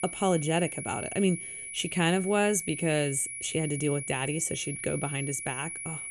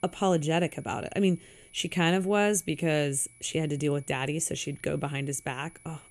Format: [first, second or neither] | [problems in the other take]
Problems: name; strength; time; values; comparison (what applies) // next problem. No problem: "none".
second | high-pitched whine; loud; throughout; 10.5 kHz, 7 dB below the speech; faint in the second